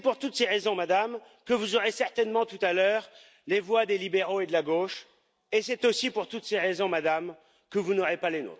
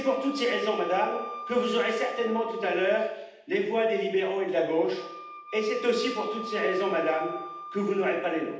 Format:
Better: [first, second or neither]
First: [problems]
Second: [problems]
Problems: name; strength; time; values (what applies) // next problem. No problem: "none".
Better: first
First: none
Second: background sound (Wind instrument, woodwind instrument); 13 dB below the speech // room echo; dies away in 0.8 s